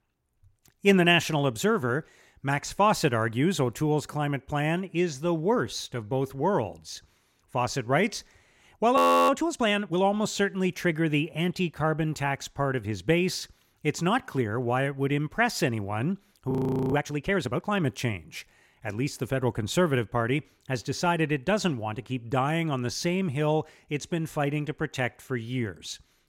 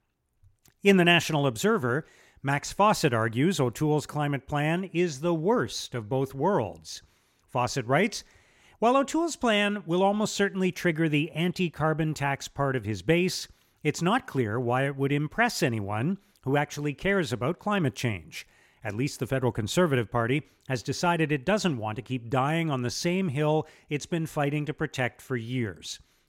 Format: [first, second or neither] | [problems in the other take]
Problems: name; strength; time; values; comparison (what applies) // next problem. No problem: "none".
second | audio freezing; at 9 s and at 17 s